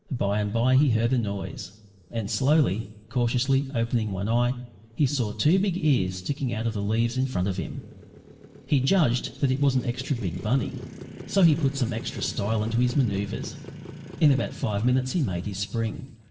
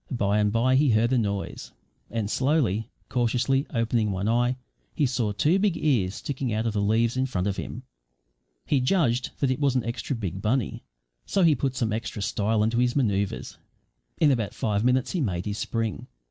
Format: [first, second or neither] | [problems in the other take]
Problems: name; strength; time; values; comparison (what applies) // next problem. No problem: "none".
second | background sound (Motorcycle); 18 dB below the speech // room echo; dies away in 1 s